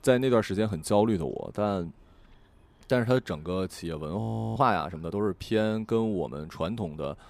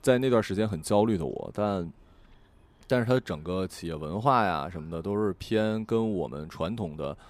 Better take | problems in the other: second | audio freezing; at 4 s

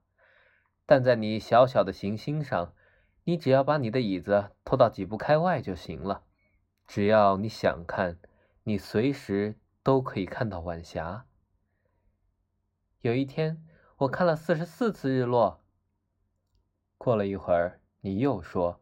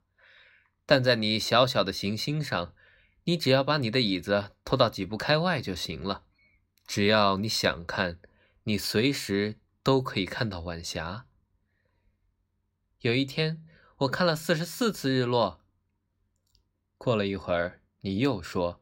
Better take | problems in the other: second | muffled; very; fading above 2 kHz

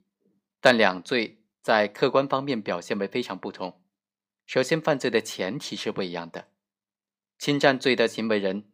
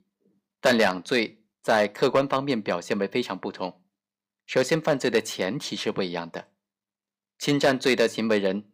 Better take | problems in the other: first | distortion; slight; 1.9% of the sound clipped

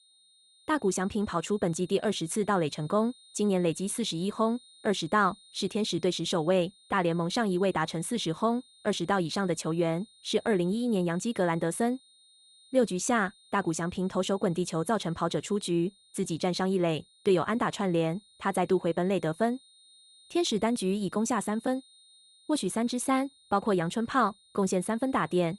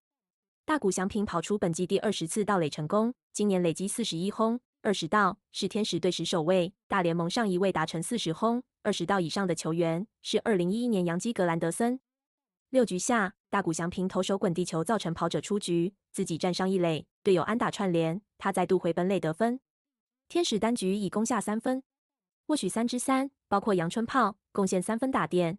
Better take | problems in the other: second | high-pitched whine; faint; throughout; 4 kHz, 25 dB below the speech

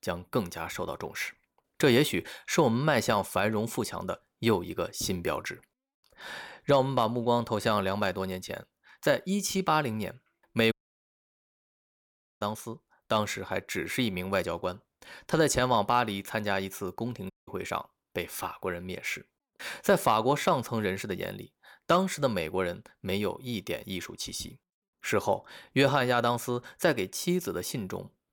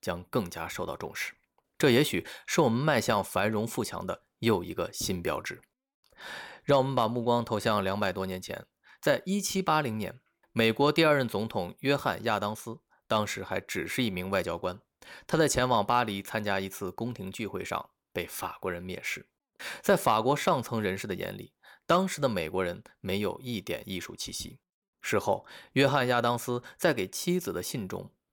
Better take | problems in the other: second | audio cutting out; at 11 s for 1.5 s and at 17 s

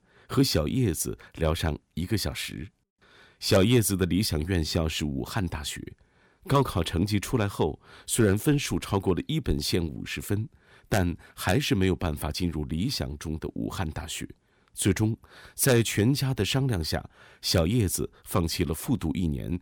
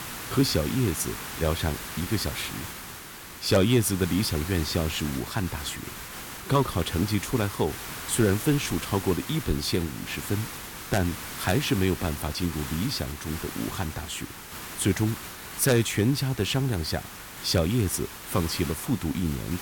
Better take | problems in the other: first | hiss; loud; throughout; 9 dB below the speech

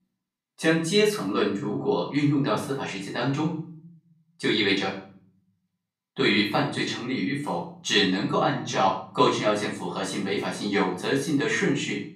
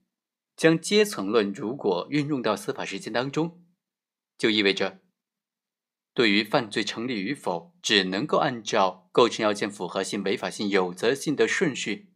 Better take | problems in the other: second | off-mic speech; far // room echo; noticeable; dies away in 0.6 s

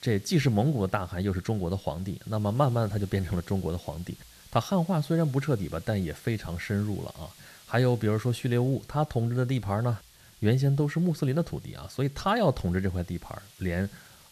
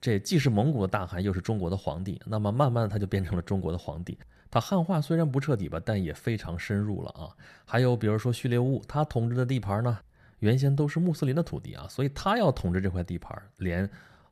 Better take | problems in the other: second | hiss; faint; throughout; 25 dB below the speech

